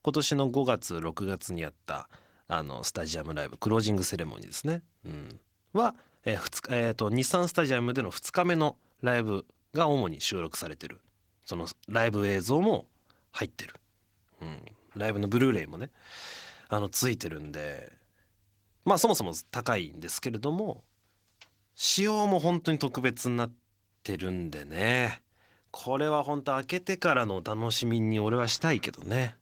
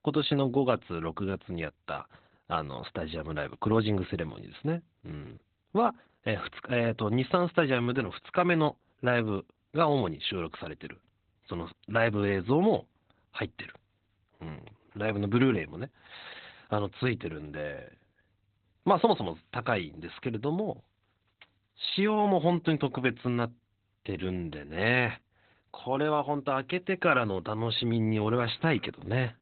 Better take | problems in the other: first | garbled, watery; badly; nothing above 4 kHz; slightly in the first

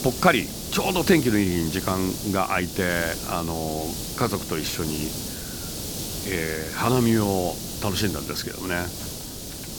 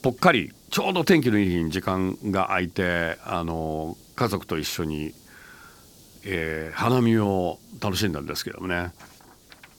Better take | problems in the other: second | hiss; loud; throughout; 6 dB below the speech; faint in the second

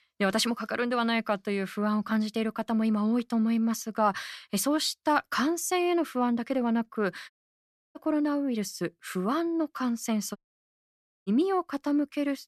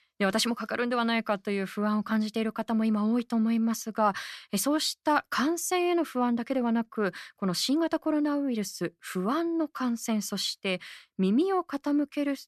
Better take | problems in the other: second | audio cutting out; at 7.5 s for 0.5 s and at 10 s for 1 s

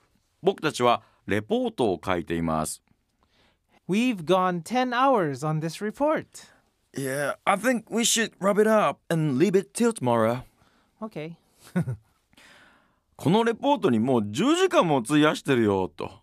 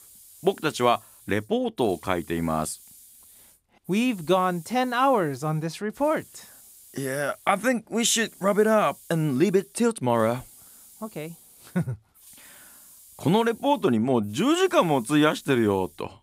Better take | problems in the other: first | hiss; faint; throughout; 25 dB below the speech

